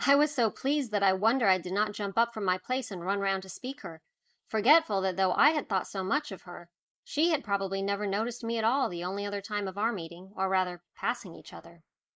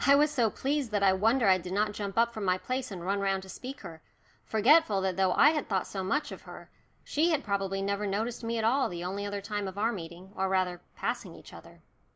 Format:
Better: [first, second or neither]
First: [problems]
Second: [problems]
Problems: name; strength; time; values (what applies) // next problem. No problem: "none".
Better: second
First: noise reduction (neural mask model Resemble Enhance denoiser)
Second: none